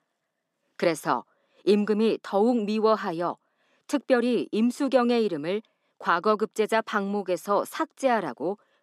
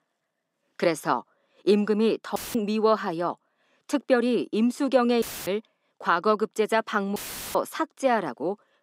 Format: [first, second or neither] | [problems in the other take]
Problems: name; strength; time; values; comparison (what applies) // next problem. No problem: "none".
first | audio cutting out; filled with static; at 2.5 s, at 5 s and at 7 s